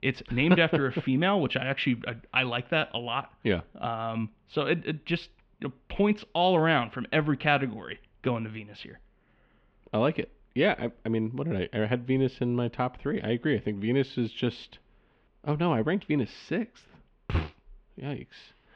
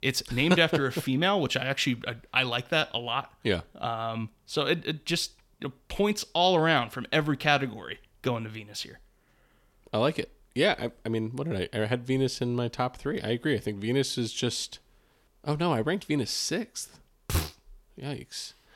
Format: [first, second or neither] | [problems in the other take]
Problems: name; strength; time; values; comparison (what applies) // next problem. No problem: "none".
second | muffled; very; fading above 3 kHz